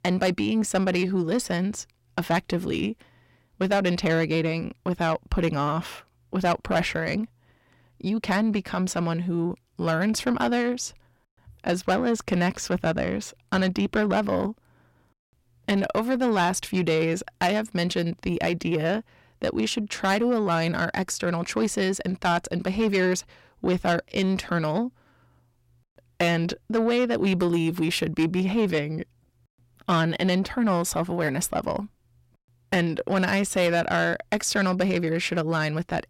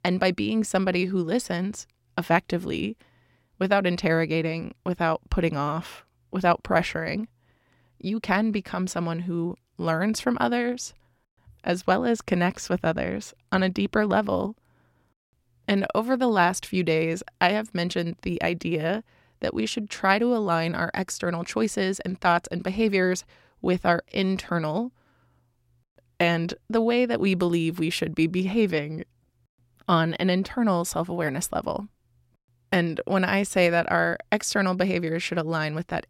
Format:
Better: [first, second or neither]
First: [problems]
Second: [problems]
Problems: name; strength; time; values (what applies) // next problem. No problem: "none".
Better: second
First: distortion; slight; 10 dB below the speech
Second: none